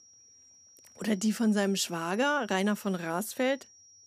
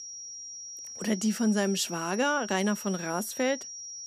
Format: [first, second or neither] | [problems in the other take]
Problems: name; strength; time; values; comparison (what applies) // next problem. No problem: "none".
first | high-pitched whine; loud; throughout; 5.5 kHz, 10 dB below the speech; faint in the first